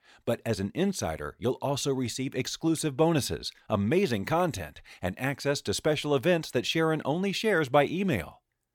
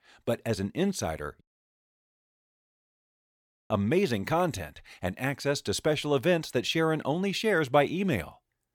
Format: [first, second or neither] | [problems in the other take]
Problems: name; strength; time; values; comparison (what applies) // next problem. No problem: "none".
first | audio cutting out; at 1.5 s for 2.5 s